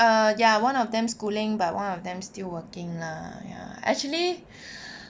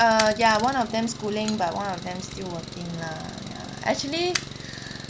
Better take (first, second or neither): first